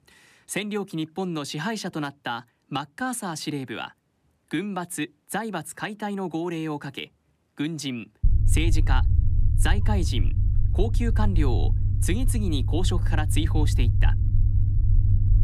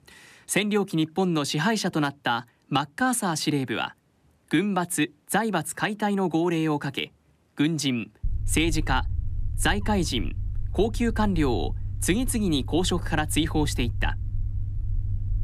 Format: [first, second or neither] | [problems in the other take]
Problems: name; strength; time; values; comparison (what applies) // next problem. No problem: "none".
second | low rumble; loud; from 8 s on; 9 dB below the speech; faint in the second